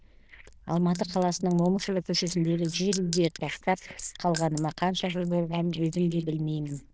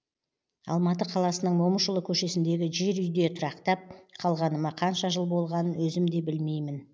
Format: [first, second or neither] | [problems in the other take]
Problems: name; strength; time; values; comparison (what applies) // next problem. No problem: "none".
second | noise reduction (neural diffusion model UNIVERSE++)